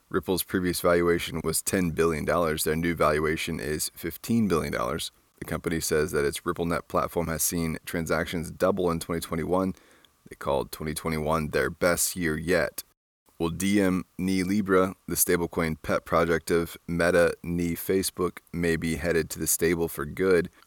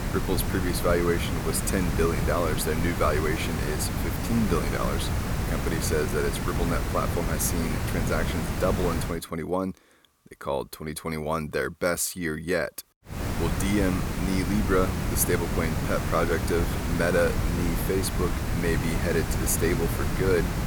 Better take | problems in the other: first | hiss; loud; until 9 s and from 13 s on; 1 dB below the speech

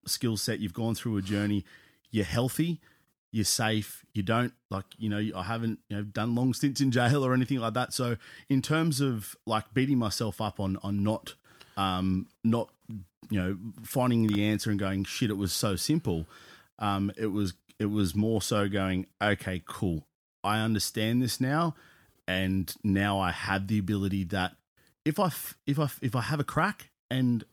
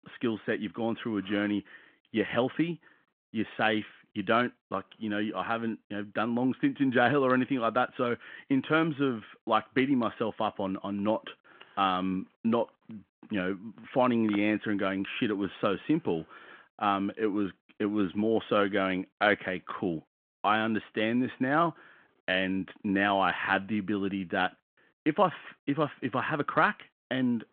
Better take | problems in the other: first | phone-call audio

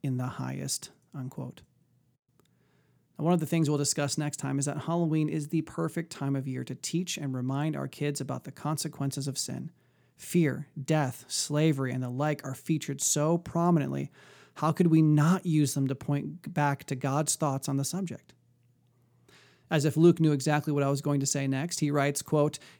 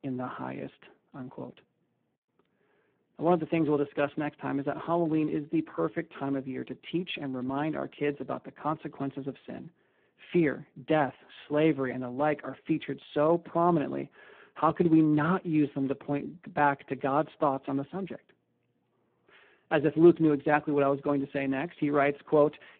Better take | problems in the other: first | phone-call audio; poor line

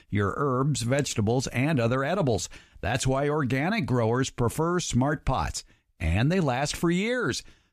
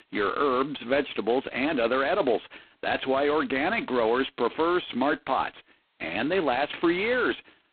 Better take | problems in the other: first | phone-call audio; poor line; nothing above 4 kHz

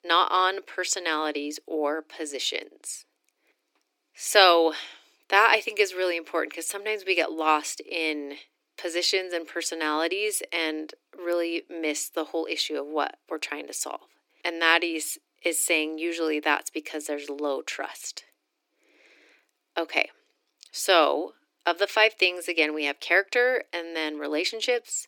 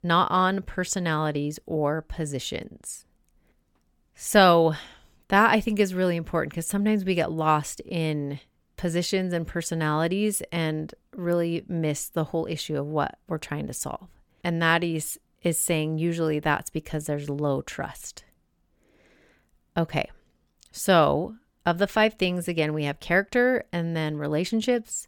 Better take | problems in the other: second | thin; very; fading below 300 Hz

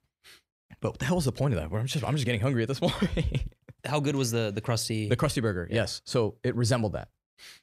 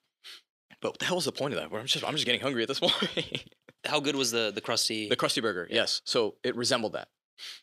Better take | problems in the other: first | thin; somewhat; fading below 300 Hz

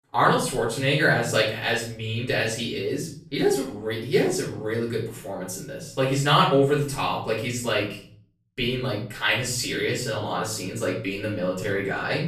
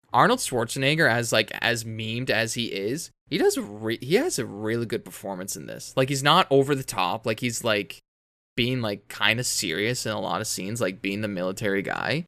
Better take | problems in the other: second | room echo; noticeable; dies away in 0.5 s // off-mic speech; far

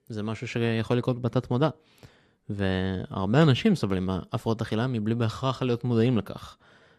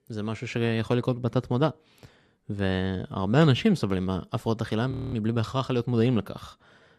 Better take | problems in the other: first | audio freezing; at 5 s

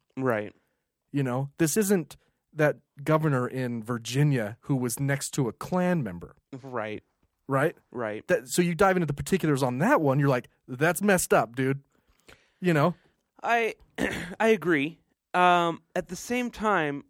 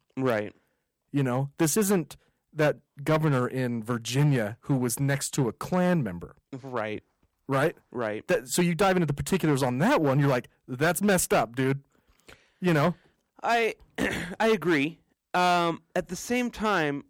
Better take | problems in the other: first | distortion; slight; 6% of the sound clipped

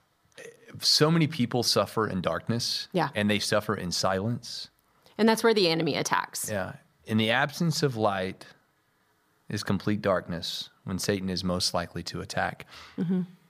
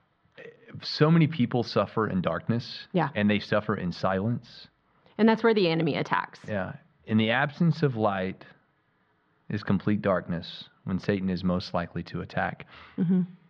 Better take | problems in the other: first | muffled; slightly; fading above 3.5 kHz

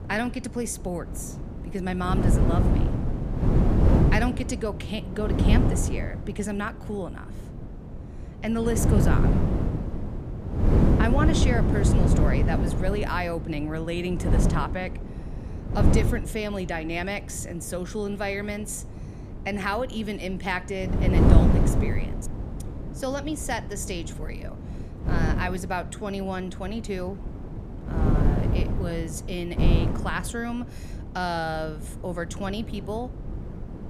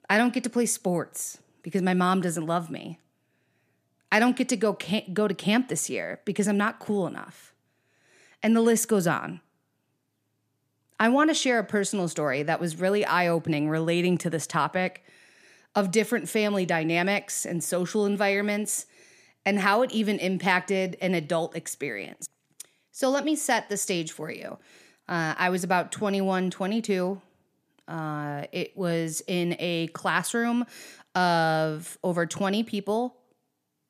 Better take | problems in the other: second | wind noise on the microphone; heavy; 2 dB below the speech

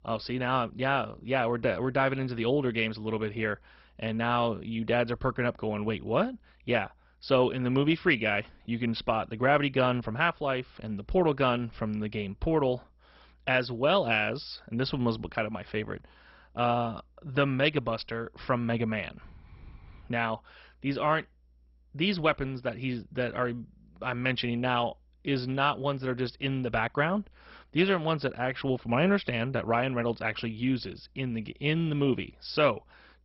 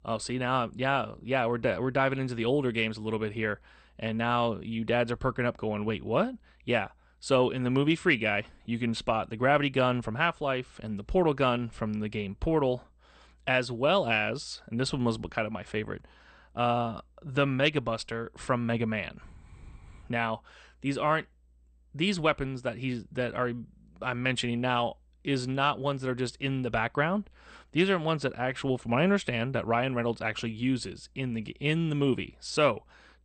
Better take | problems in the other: second | garbled, watery; badly; nothing above 5.5 kHz; slightly in the second

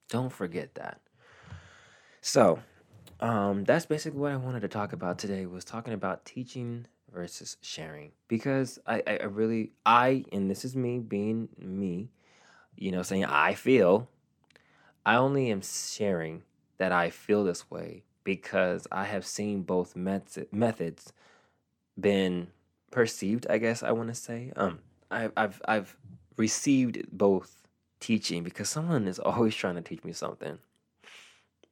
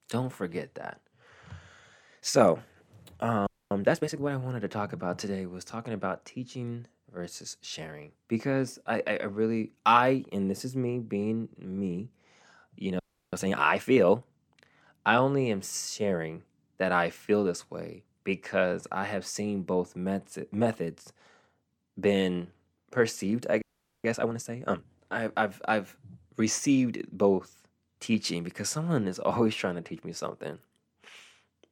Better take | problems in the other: first | audio freezing; at 3.5 s, at 13 s and at 24 s

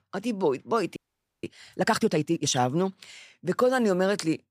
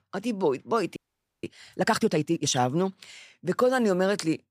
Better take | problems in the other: neither | audio freezing; at 1 s; the same in both

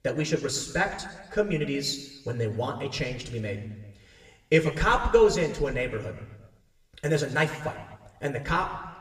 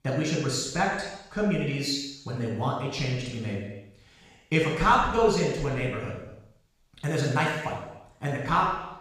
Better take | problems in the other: first | room echo; strong; dies away in 0.9 s; slight in the first // off-mic speech; far; somewhat distant in the first

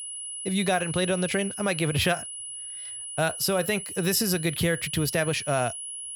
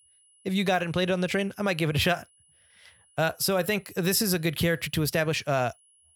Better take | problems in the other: second | high-pitched whine; loud; throughout; 10 kHz, 8 dB below the speech; faint in the second

